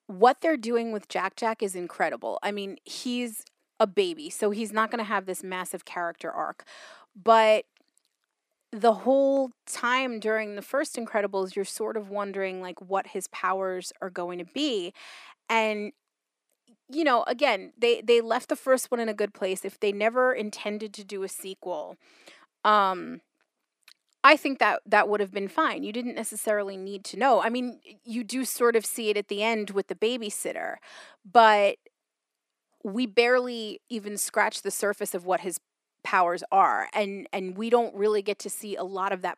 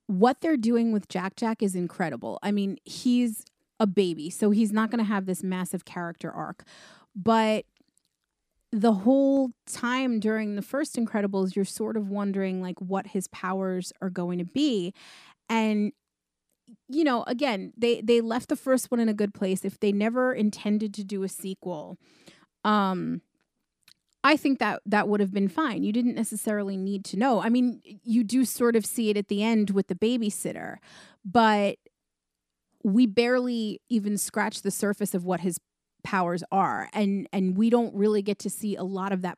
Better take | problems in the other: second | thin; somewhat; fading below 450 Hz

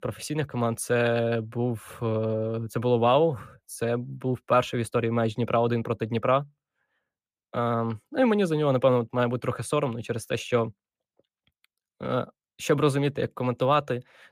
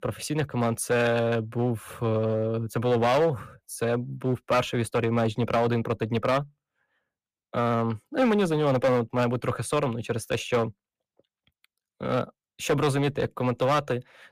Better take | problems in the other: first | distortion; slight; 6% of the sound clipped

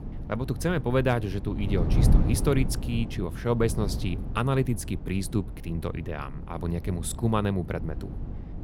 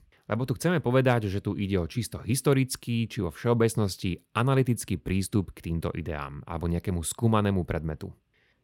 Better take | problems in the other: second | wind noise on the microphone; occasional gusts; 10 dB below the speech

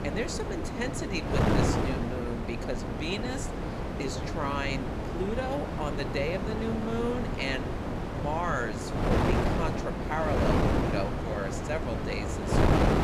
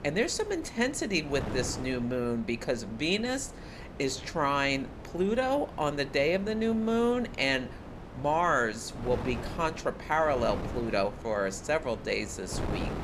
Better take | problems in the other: second | wind noise on the microphone; heavy; 1 dB above the speech; occasional gusts in the second

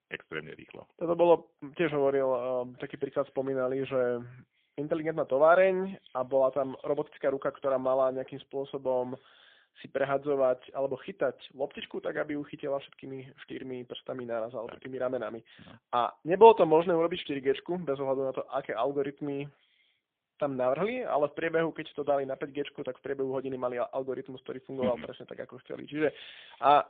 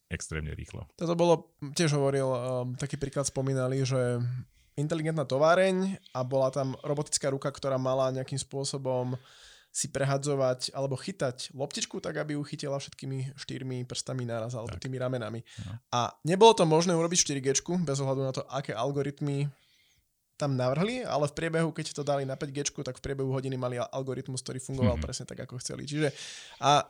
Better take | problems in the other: second | phone-call audio; poor line; nothing above 3.5 kHz

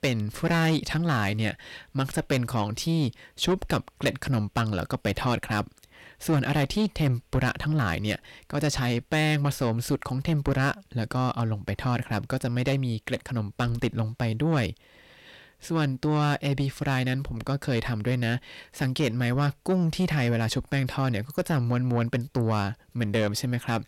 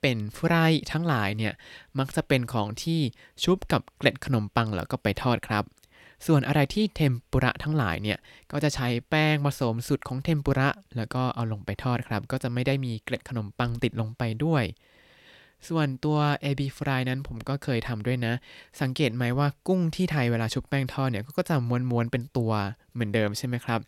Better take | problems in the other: second | distortion; slight; 10 dB below the speech

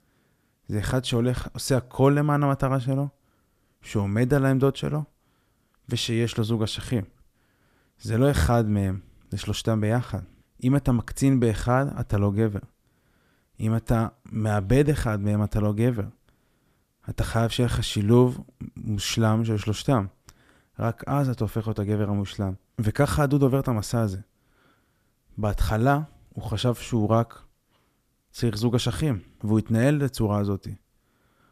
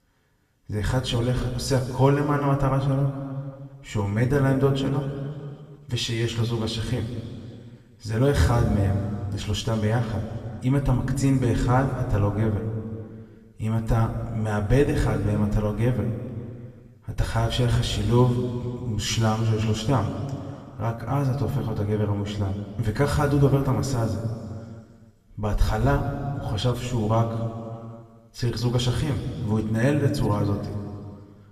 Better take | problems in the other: first | room echo; slight; dies away in 2.1 s // off-mic speech; somewhat distant

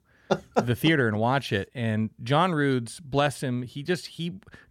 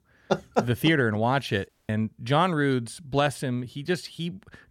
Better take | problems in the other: first | audio cutting out; at 1.5 s

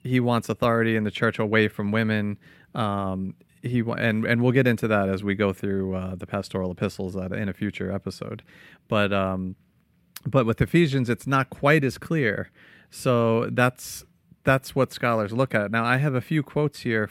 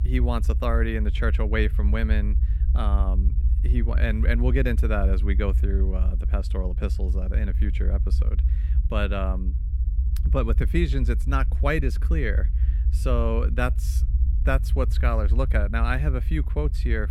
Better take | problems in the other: first | low rumble; noticeable; throughout; 15 dB below the speech

